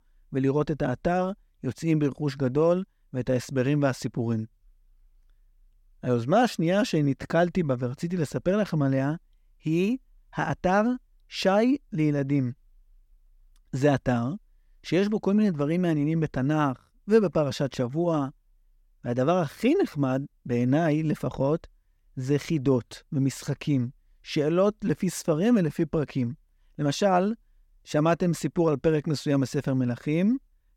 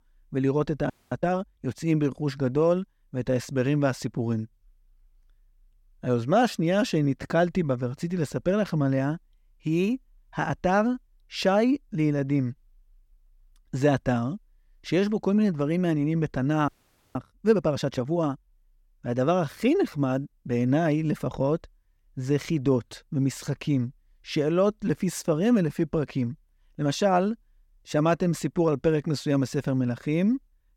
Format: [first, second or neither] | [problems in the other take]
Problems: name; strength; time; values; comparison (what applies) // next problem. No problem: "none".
first | audio freezing; at 1 s and at 17 s